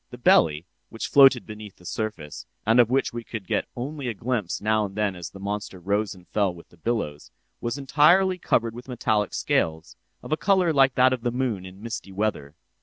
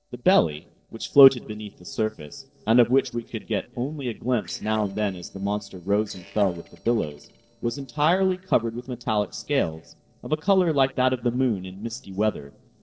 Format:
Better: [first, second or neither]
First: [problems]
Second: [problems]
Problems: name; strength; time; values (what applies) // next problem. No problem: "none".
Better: first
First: none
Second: noise reduction (neural separator model SepFormer DNS4)